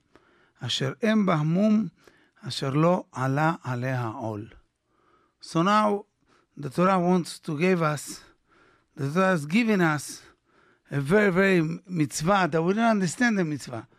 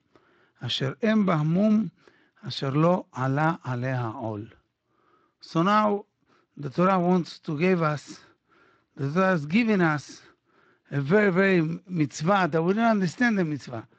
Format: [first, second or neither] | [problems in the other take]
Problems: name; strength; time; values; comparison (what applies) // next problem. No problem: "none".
first | garbled, watery; slightly